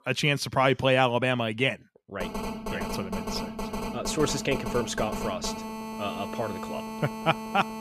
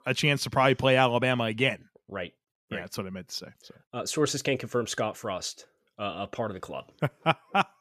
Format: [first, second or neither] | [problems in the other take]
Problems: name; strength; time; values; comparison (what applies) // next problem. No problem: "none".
second | phone ringing; noticeable; from 2 s on; peak 5 dB below the speech